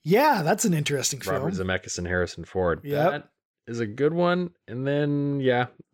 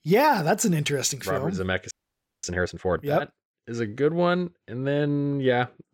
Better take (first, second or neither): first